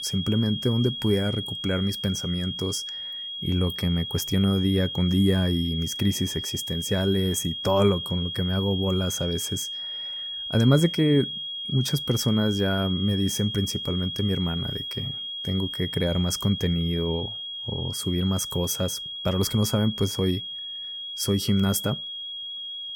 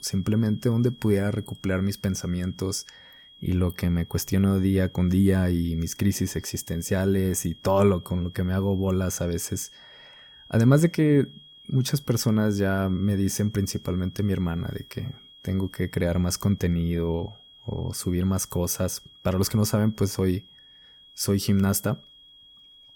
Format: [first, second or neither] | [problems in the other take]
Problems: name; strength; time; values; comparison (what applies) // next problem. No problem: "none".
second | high-pitched whine; loud; throughout; 3.5 kHz, 5 dB below the speech; faint in the second